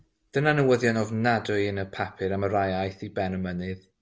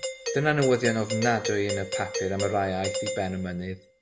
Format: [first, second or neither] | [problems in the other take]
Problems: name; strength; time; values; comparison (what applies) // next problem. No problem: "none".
first | background sound (Doorbell); 6 dB below the speech